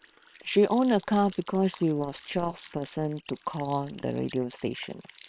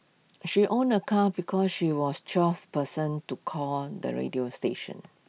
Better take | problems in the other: second | noise reduction (neural separator model SepFormer WHAM!)

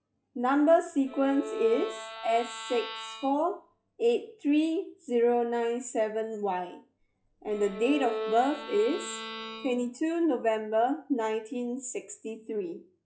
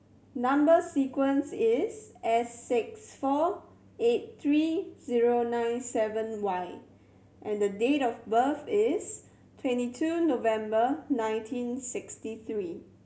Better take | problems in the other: second | noise reduction (classical method log-MMSE)

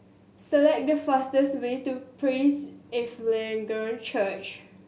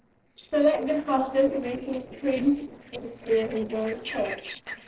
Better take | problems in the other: first | noise reduction (neural separator model SepFormer DNS4)

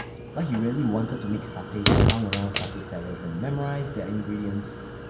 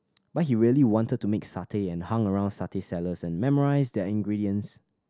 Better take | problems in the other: second | background sound (Fire); as loud as the speech // room echo; dies away in 1.4 s

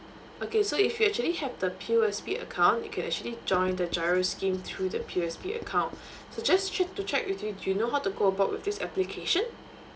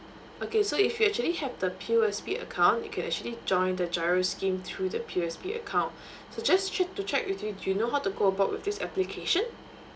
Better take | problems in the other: second | background sound (Writing); 19 dB below the speech

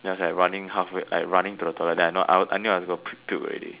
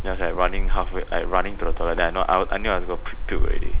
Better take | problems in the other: first | background sound (Cricket); 4 dB above the speech

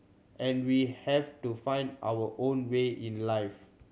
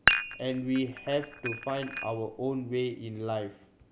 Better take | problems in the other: first | background sound (Dishes, pots, and pans); as loud as the speech

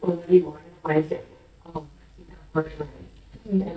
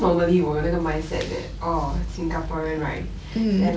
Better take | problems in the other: second | noise reduction (neural mask model DeepFilterNet 3)

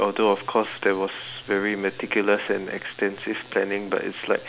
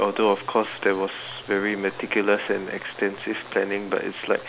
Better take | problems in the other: first | background sound (Applause); 20 dB below the speech

